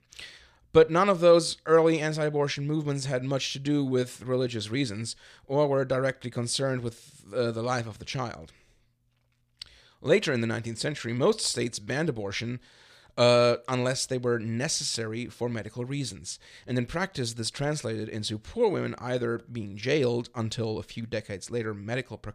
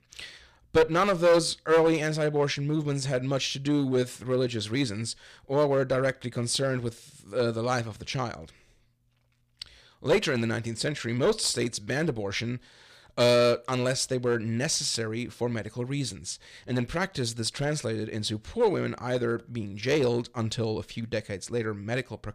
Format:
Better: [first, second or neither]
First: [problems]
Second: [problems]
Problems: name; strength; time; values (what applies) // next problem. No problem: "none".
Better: first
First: none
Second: distortion; slight; 4% of the sound clipped